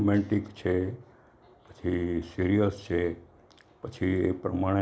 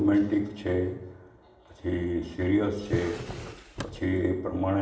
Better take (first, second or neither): first